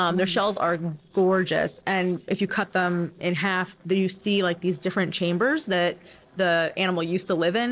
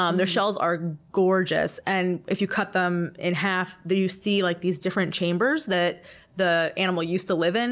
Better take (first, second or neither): second